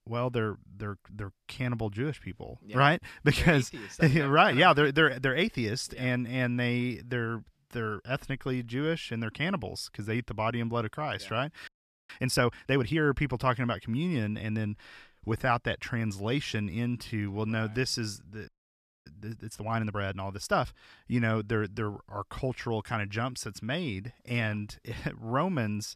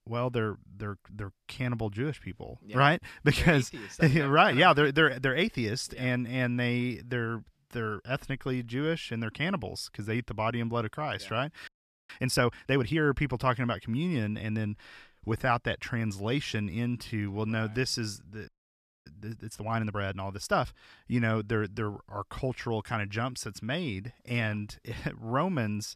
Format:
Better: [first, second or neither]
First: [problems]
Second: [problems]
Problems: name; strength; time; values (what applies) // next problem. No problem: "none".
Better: neither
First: audio freezing; at 12 s and at 18 s for 0.5 s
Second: audio freezing; at 12 s and at 18 s for 0.5 s